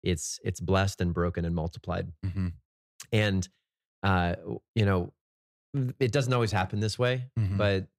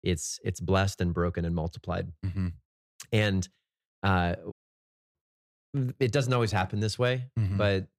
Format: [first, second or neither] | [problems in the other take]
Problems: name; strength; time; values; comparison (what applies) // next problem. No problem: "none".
first | audio cutting out; at 4.5 s for 0.5 s